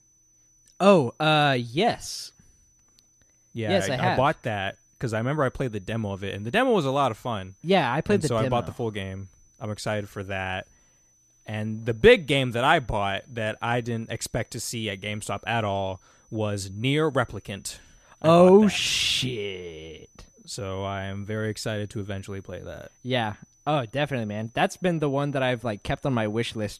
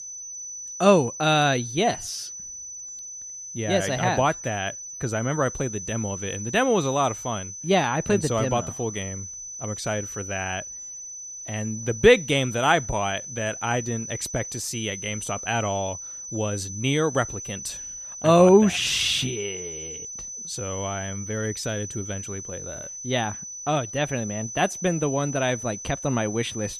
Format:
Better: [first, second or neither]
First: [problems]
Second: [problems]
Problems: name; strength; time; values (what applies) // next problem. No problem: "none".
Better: first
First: high-pitched whine; faint; throughout; 6 kHz, 35 dB below the speech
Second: high-pitched whine; loud; throughout; 6 kHz, 9 dB below the speech